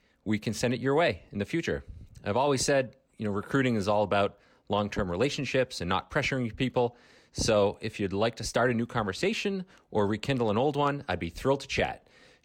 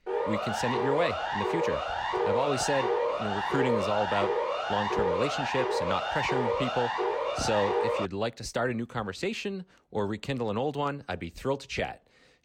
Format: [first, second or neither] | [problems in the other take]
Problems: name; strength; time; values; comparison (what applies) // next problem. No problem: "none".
first | siren; loud; until 8 s; peak 4 dB above the speech